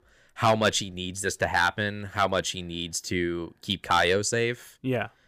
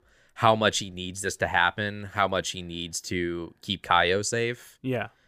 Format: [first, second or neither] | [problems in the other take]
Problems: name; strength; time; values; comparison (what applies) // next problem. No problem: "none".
second | distortion; slight; 1.3% of the sound clipped